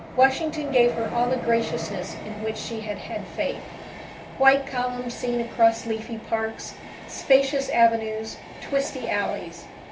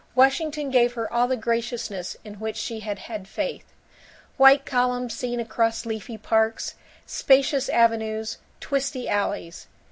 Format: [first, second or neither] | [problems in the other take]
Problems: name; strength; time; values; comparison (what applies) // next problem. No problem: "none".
second | background sound (Train); 12 dB below the speech // room echo; dies away in 0.3 s